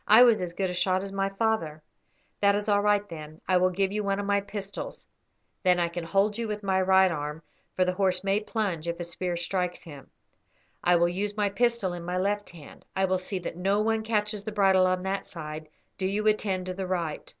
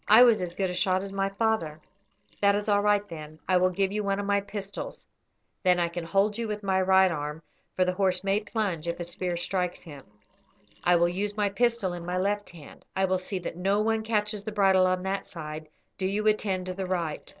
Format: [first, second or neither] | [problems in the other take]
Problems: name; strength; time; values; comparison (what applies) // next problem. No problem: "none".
first | noise reduction (neural separator model SepFormer DNS4)